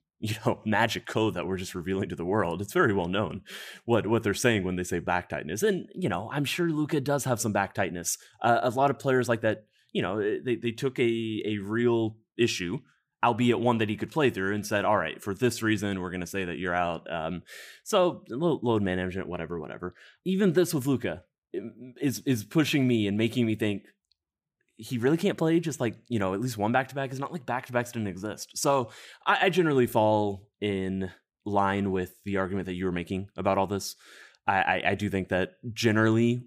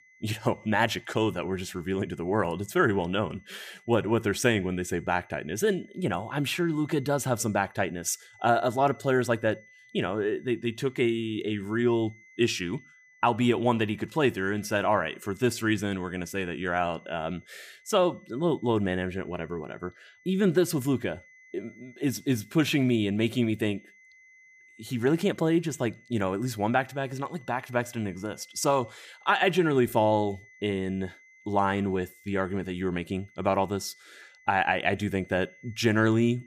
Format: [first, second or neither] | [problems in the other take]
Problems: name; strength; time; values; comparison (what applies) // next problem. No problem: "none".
first | high-pitched whine; faint; throughout; 2 kHz, 25 dB below the speech